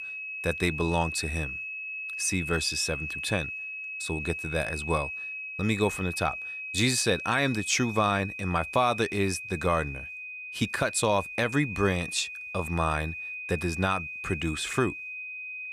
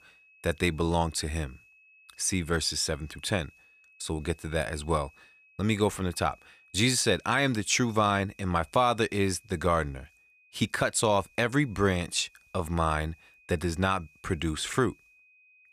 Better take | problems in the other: second | high-pitched whine; loud; throughout; 2.5 kHz, 6 dB below the speech; faint in the second

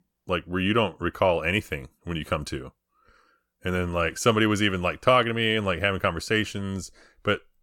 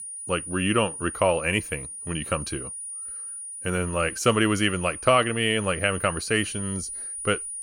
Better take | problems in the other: first | high-pitched whine; loud; throughout; 9.5 kHz, 8 dB below the speech

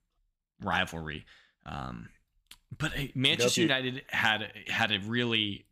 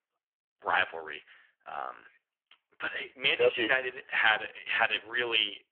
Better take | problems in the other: first | phone-call audio; poor line; nothing above 3.5 kHz

